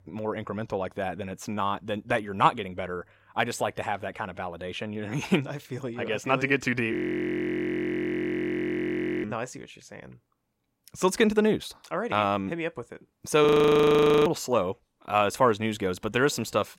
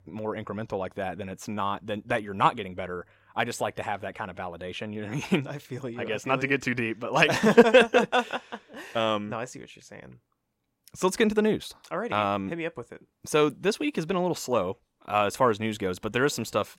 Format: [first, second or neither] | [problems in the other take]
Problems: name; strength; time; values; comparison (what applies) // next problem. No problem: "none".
second | audio freezing; at 7 s for 2.5 s and at 13 s for 1 s